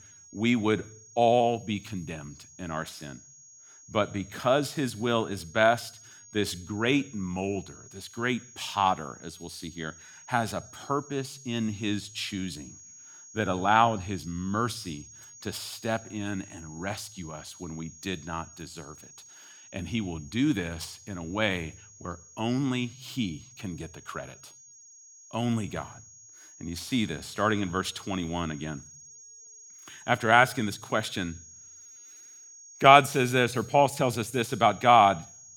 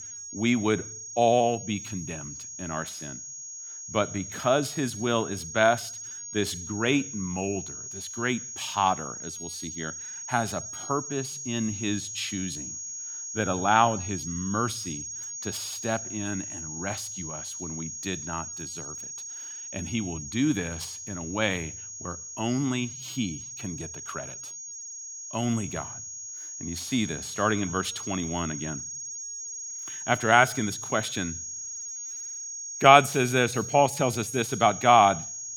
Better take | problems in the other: first | high-pitched whine; loud; throughout; 6.5 kHz, 8 dB below the speech; faint in the first

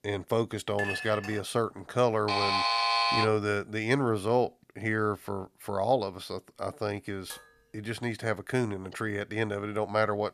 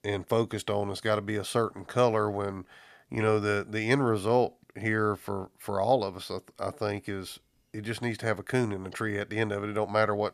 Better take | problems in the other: second | clattering dishes; noticeable; at 1 s; peak 3 dB below the speech // alarm; loud; at 2.5 s; peak 6 dB above the speech // clattering dishes; faint; at 7.5 s; peak 15 dB below the speech

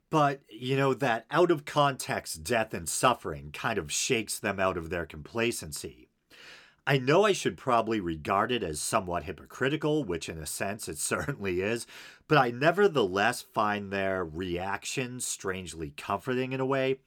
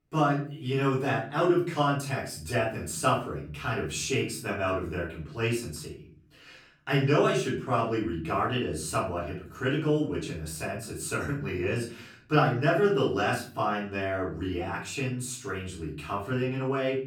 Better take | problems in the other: first | off-mic speech; far // room echo; slight; dies away in 0.6 s

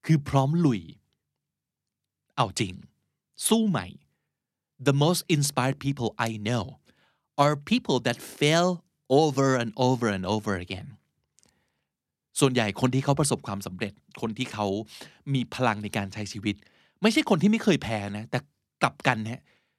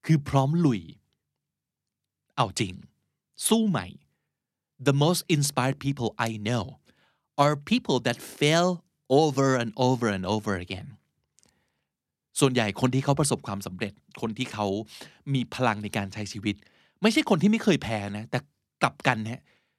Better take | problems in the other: neither | none

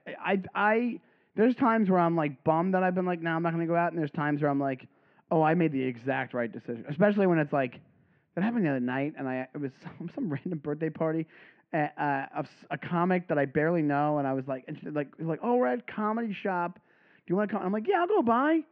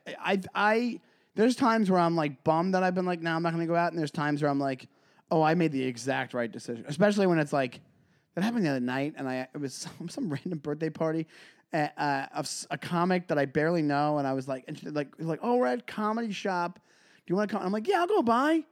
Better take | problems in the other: second | muffled; very; fading above 2.5 kHz

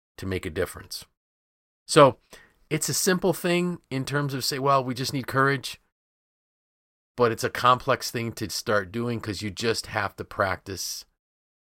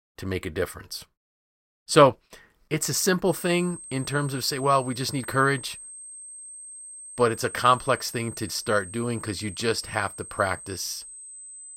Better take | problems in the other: first | high-pitched whine; noticeable; from 3.5 s on; 8.5 kHz, 15 dB below the speech

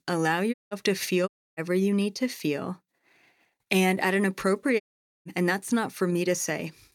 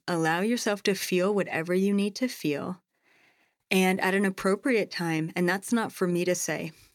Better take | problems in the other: second | audio cutting out; at 0.5 s, at 1.5 s and at 5 s

